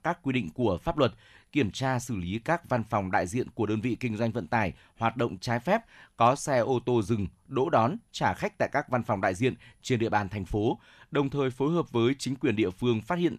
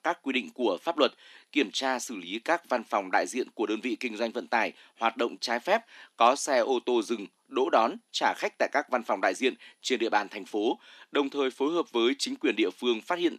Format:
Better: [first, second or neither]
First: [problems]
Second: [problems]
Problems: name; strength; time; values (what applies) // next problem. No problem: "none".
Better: first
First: none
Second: thin; very slightly; fading below 250 Hz